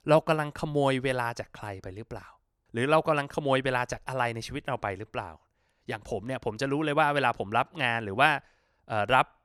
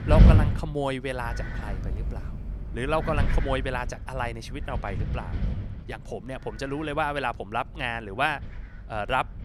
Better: first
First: none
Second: wind noise on the microphone; heavy; 10 dB below the speech

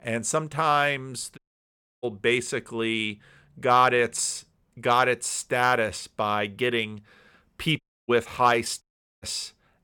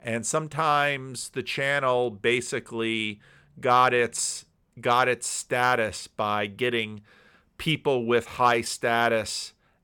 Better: second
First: audio cutting out; at 1.5 s for 0.5 s, at 8 s and at 9 s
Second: none

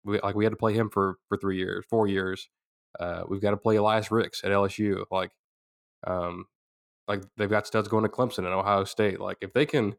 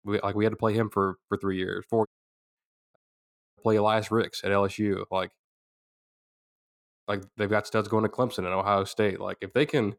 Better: first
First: none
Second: audio cutting out; at 2 s, at 3 s for 0.5 s and at 6 s for 0.5 s

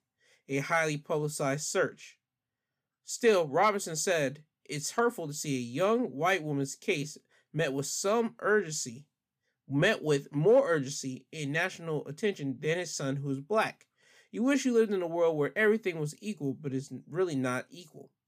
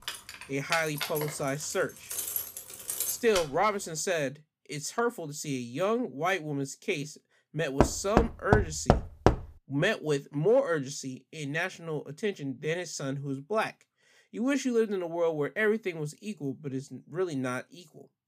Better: first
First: none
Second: jangling keys; loud; until 3.5 s; peak level with the speech // door banging; loud; from 8 to 9.5 s; peak 5 dB above the speech

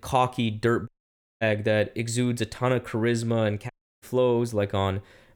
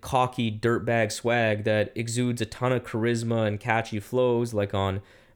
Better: second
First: audio cutting out; at 1 s for 0.5 s and at 3.5 s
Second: none

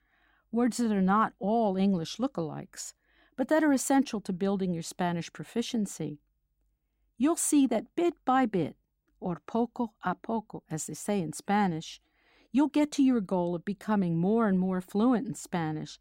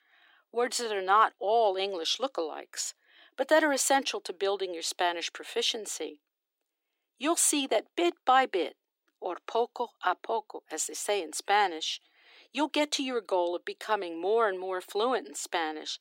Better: first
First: none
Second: thin; very; fading below 350 Hz

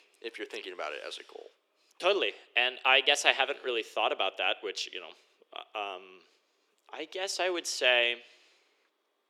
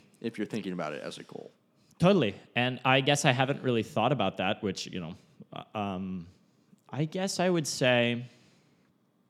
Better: second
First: thin; very; fading below 350 Hz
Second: none

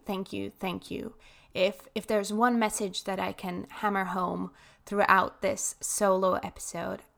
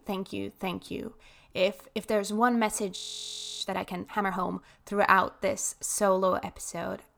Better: first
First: none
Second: audio freezing; at 3 s for 0.5 s

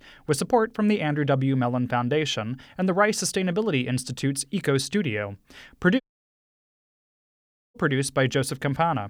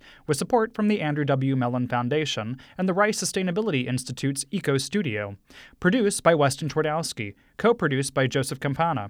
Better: second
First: audio cutting out; at 6 s for 1.5 s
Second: none

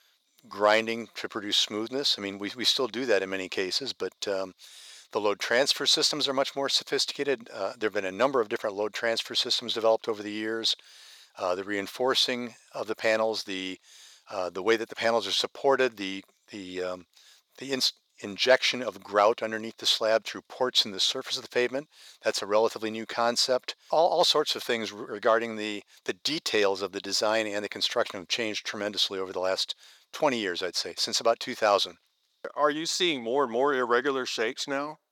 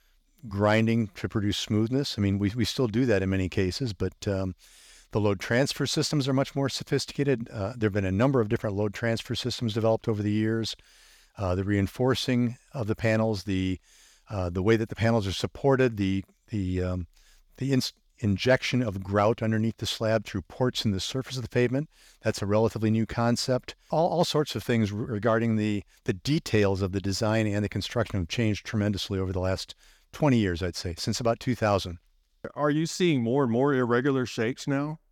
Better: second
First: thin; very; fading below 550 Hz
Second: none

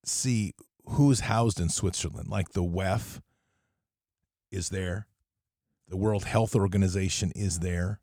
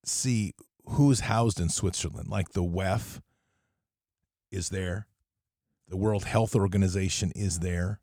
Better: neither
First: none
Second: none

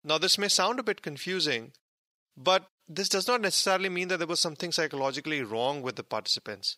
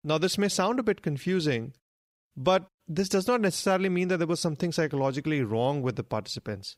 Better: second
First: thin; somewhat; fading below 850 Hz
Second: none

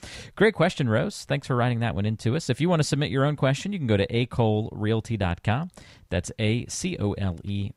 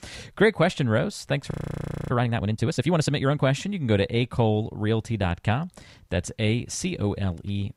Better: first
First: none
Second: audio freezing; at 1.5 s for 0.5 s

